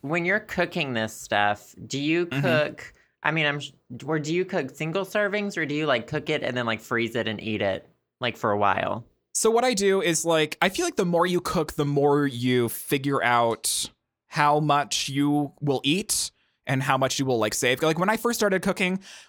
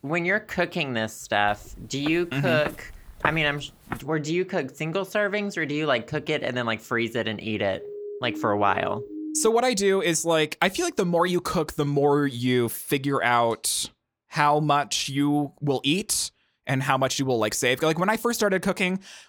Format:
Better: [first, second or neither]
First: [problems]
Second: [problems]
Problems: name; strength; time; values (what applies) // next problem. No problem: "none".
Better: first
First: none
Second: footsteps; noticeable; from 1.5 to 4 s; peak 7 dB below the speech // siren; noticeable; from 8 to 9.5 s; peak 9 dB below the speech